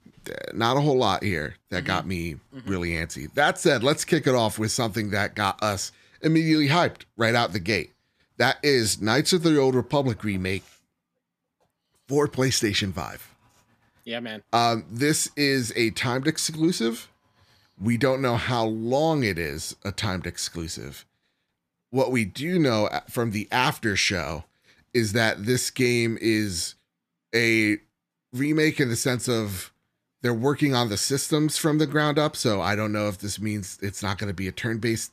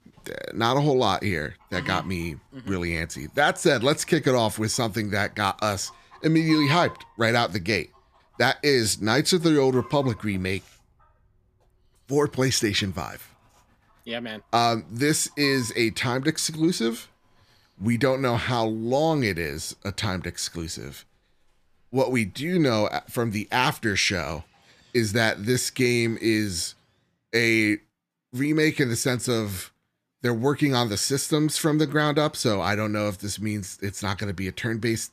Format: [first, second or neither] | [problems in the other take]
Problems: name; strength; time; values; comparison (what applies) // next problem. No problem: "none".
first | animal sounds; faint; until 27 s; 20 dB below the speech